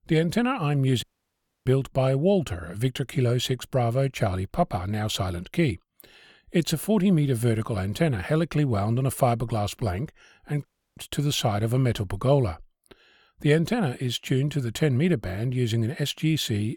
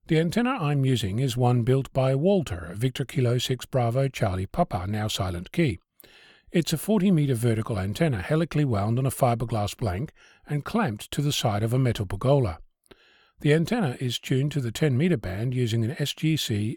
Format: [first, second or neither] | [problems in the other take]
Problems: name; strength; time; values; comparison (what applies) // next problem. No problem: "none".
second | audio cutting out; at 1 s for 0.5 s and at 11 s